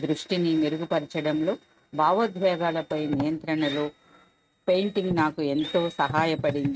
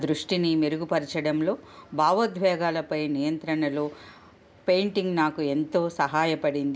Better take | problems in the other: second | noise reduction (neural mask model RNNoise)

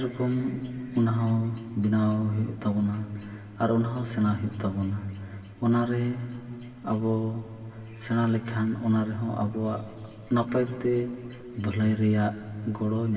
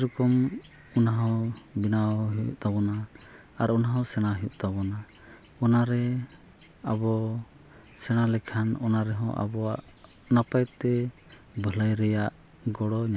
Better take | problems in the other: second | room echo; dies away in 2.5 s

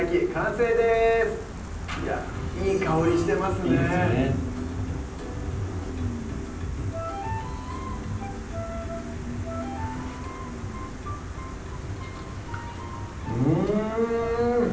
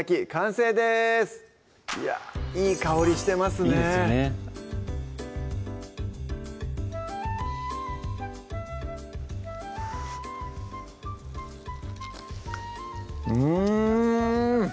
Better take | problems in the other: second | background sound (Gull, seagull); 8 dB below the speech // room echo; dies away in 0.6 s

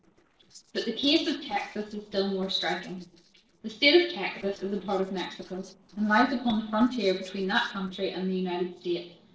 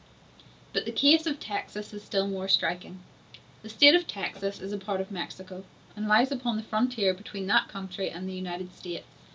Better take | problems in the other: second | noise reduction (neural separator model SepFormer DNS4)

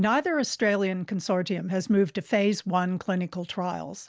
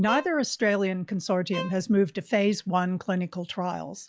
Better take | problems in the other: first | noise reduction (classical method log-MMSE)

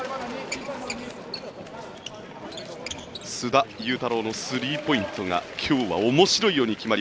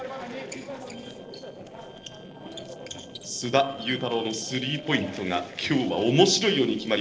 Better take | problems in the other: first | noise reduction (neural separator model SepFormer DNS4)

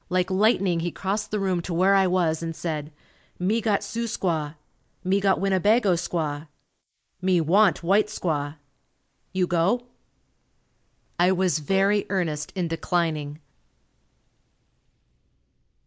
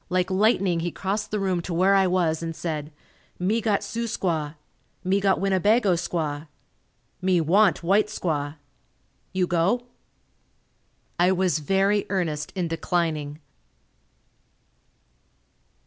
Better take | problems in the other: second | noise reduction (neural mask model Resemble Enhance denoiser)

